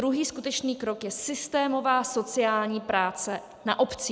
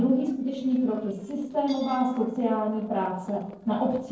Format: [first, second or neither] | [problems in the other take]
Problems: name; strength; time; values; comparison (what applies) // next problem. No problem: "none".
first | noise reduction (neural separator model SepFormer DNS4)